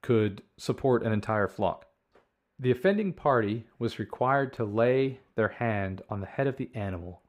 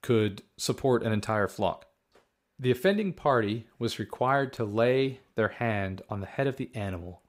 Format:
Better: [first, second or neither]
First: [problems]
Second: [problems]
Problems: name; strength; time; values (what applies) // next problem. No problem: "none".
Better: second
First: muffled; slightly; fading above 3.5 kHz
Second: none